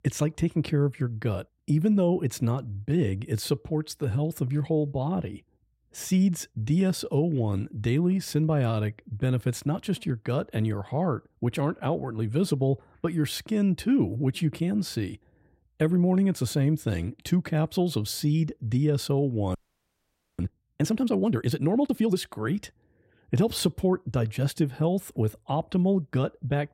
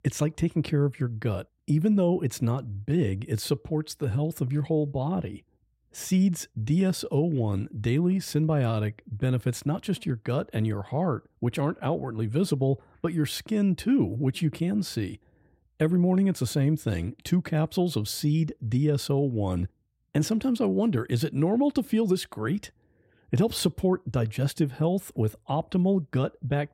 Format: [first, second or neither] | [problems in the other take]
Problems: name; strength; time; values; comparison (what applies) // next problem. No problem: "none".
second | audio freezing; at 20 s for 1 s